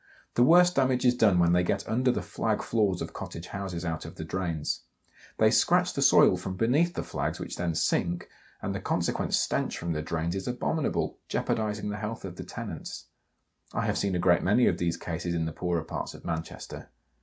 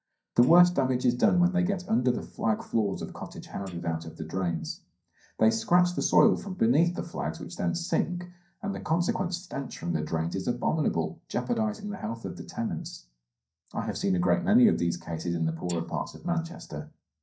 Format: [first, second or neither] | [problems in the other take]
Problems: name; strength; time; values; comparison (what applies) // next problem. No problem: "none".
first | noise reduction (neural mask model DeepFilterNet 3)